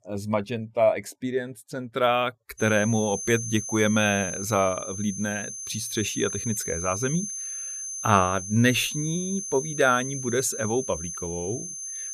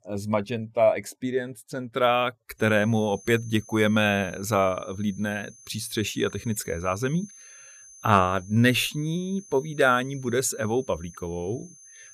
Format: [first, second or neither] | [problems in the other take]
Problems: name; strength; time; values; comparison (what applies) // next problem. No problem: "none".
second | high-pitched whine; loud; from 2.5 s on; 6.5 kHz, 6 dB below the speech; faint in the second